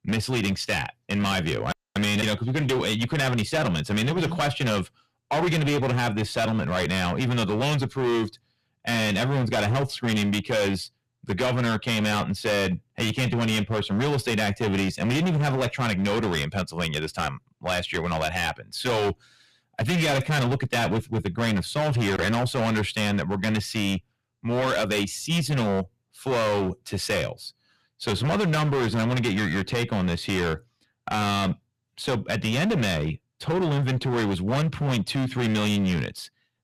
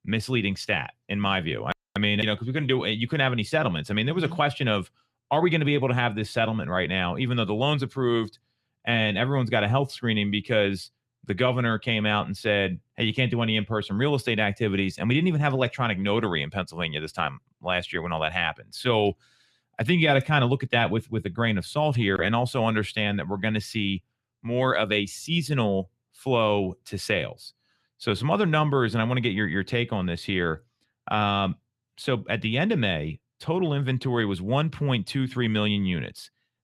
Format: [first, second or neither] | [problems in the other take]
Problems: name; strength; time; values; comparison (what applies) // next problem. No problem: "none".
second | distortion; heavy; 21% of the sound clipped